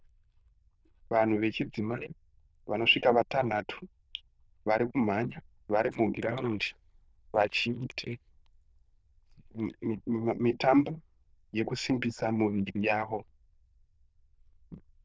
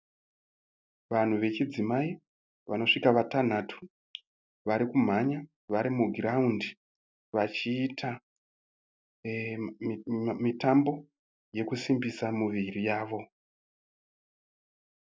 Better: second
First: noise reduction (neural diffusion model UNIVERSE++)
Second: none

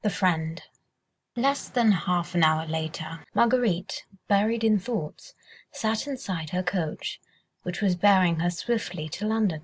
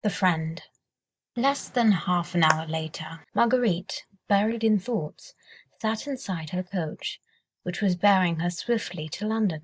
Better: first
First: none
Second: noise reduction (neural mask model DeepFilterNet 3)

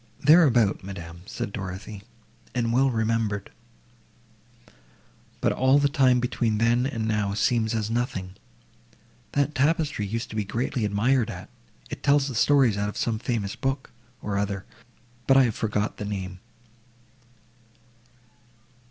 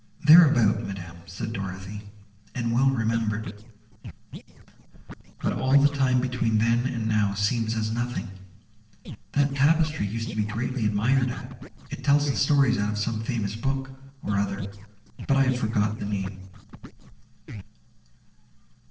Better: first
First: none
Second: noise reduction (neural separator model SepFormer DNS4)

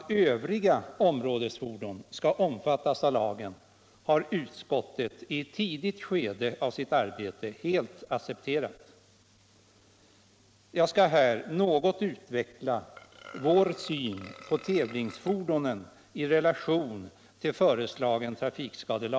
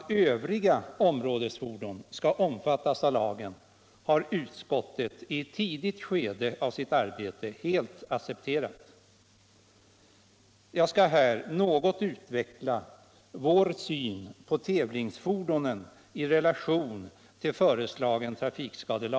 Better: second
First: background sound (Burping, eructation); 19 dB below the speech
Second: none

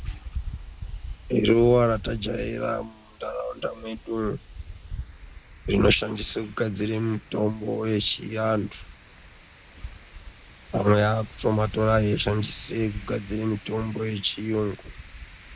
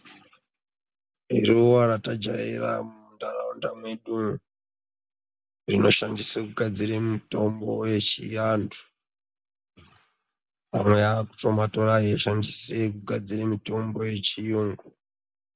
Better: second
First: background sound (Wind); 13 dB below the speech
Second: none

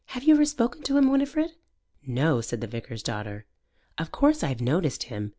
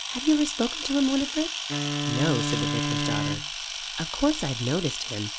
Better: first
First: none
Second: background sound (Camera + Wind instrument, woodwind instrument); 2 dB below the speech

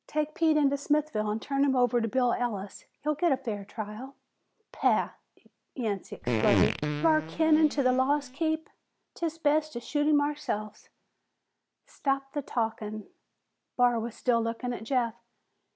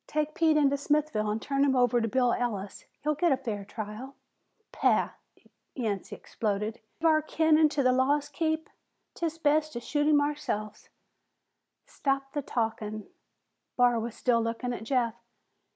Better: second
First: background sound (Fart); 2 dB below the speech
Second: none

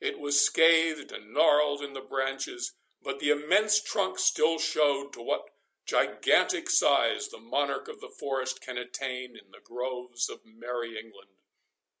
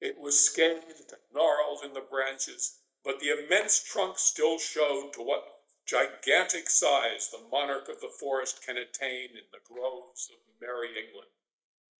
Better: first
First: none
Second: noise reduction (neural mask model DeepFilterNet 3)

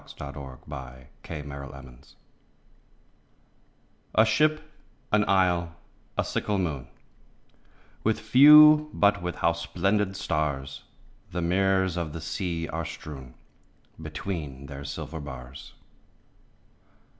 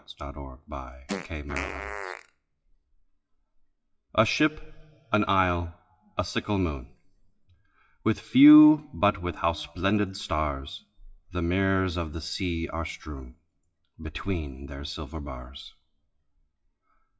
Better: first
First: none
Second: noise reduction (classical method WPE with log-MMSE)

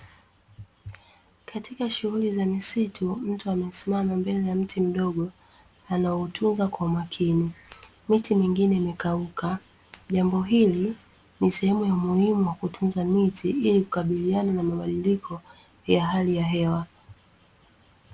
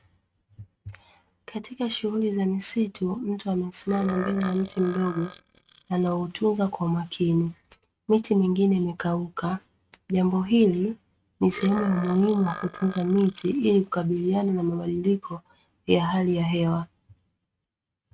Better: first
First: none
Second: noise reduction (neural mask model RNNoise)

